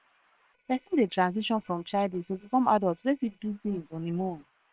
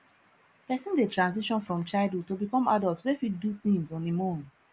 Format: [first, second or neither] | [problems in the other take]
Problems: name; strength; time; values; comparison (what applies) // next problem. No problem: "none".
second | noise reduction (neural separator model SepFormer WHAM!)